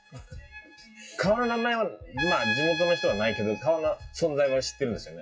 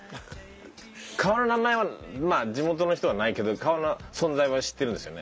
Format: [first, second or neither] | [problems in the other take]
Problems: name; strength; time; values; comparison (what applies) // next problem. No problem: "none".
second | noise reduction (classical method WPE with log-MMSE)